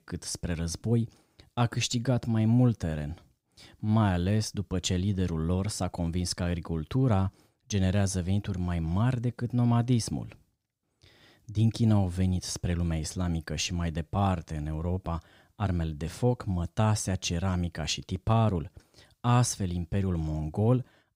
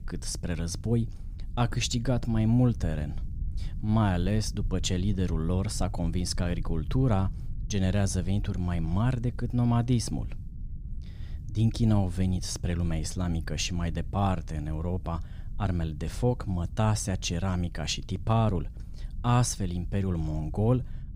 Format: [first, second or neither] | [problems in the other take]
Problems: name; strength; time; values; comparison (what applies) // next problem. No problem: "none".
first | low rumble; faint; throughout; 20 dB below the speech